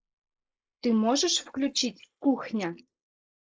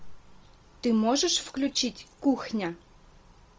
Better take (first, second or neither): second